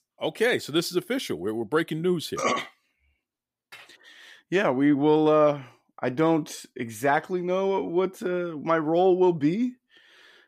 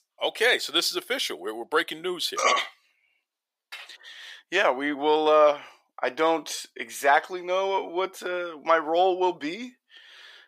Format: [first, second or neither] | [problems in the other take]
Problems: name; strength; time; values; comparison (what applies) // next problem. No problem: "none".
first | thin; somewhat; fading below 650 Hz